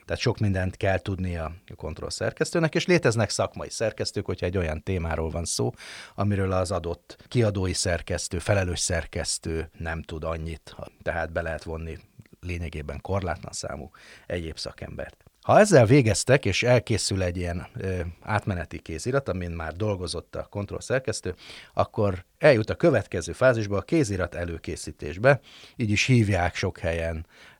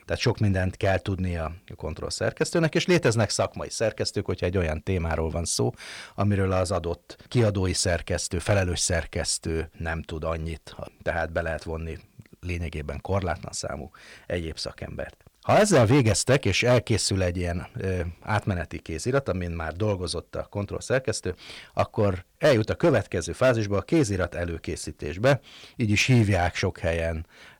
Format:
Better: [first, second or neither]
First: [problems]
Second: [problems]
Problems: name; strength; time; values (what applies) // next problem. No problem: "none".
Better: first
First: none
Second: distortion; slight; 2% of the sound clipped